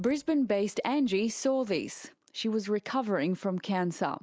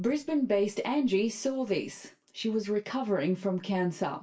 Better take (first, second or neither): first